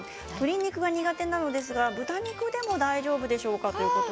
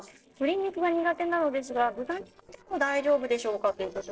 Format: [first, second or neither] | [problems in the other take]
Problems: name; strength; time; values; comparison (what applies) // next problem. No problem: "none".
first | noise reduction (neural separator model SepFormer DNS4)